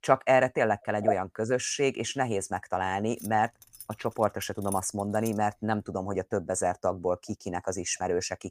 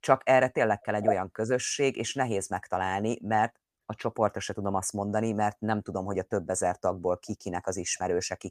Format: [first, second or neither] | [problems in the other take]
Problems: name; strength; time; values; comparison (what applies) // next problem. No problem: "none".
second | jangling keys; faint; from 3 to 5.5 s; peak 10 dB below the speech